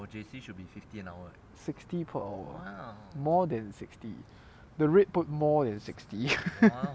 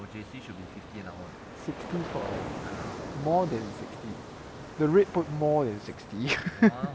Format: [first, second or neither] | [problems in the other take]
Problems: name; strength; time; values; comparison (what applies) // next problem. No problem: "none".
first | background sound (Ocean); 11 dB below the speech